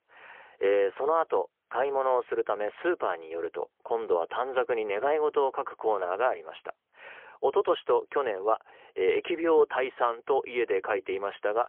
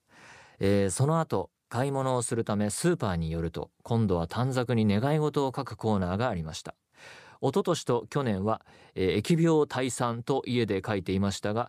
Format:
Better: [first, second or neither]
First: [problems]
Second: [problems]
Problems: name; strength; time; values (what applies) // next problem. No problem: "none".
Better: second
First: phone-call audio; poor line; nothing above 3.5 kHz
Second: none